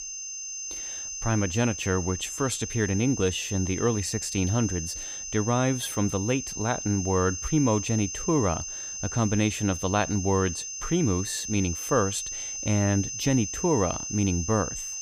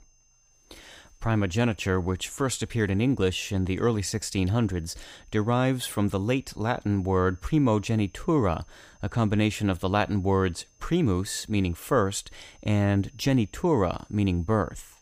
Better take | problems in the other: second | high-pitched whine; loud; throughout; 6.5 kHz, 6 dB below the speech; faint in the second

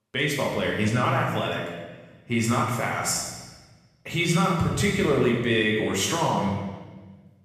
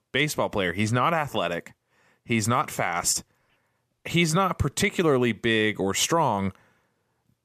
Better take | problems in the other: second | room echo; noticeable; dies away in 1.2 s // off-mic speech; far

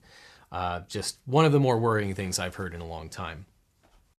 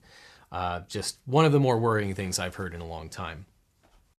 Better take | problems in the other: neither | none

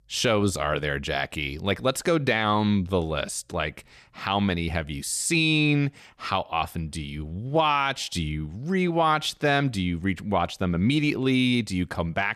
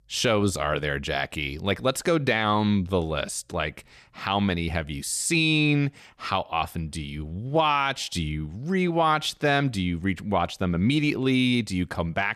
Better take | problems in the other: neither | none

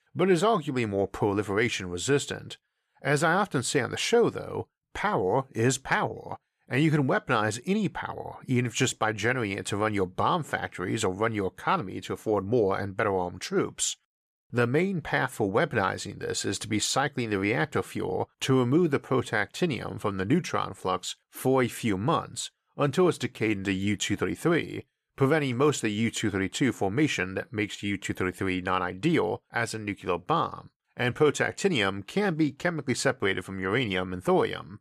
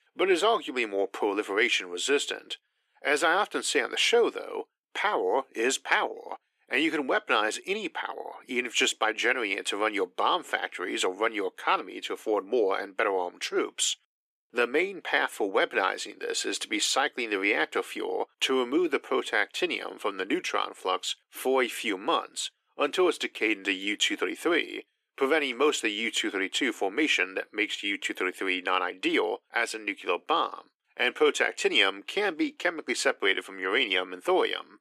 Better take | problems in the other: first | thin; somewhat; fading below 300 Hz

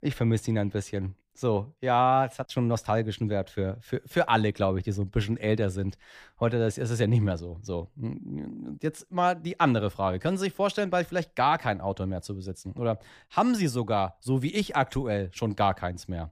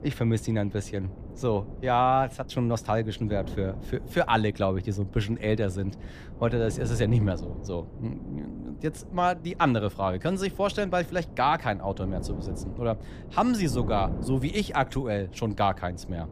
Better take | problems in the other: first | wind noise on the microphone; occasional gusts; 20 dB below the speech

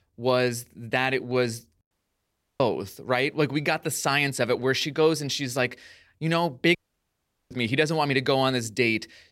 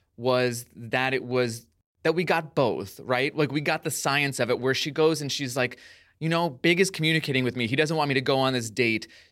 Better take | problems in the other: second | audio cutting out; at 2 s for 0.5 s and at 7 s for 1 s

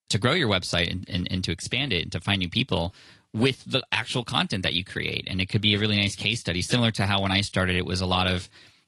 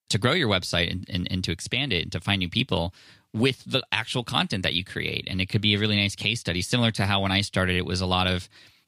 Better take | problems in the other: second | garbled, watery; slightly

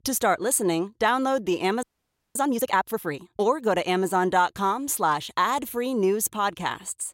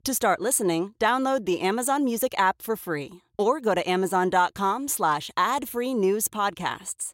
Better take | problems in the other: second | audio freezing; at 2 s for 0.5 s

